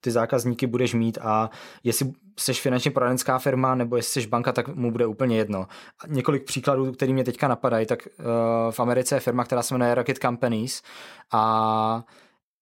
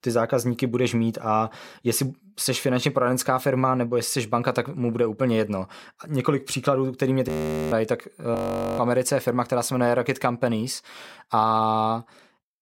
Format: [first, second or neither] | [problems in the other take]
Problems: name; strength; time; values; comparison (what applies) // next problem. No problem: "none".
first | audio freezing; at 7.5 s and at 8.5 s